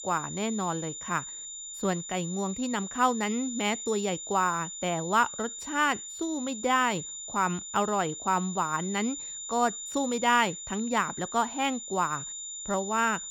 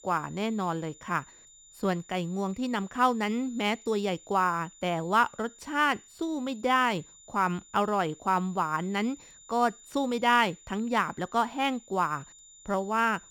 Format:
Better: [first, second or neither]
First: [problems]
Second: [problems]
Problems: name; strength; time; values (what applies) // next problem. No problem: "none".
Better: second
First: high-pitched whine; loud; throughout; 7 kHz, 8 dB below the speech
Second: high-pitched whine; faint; throughout; 7 kHz, 25 dB below the speech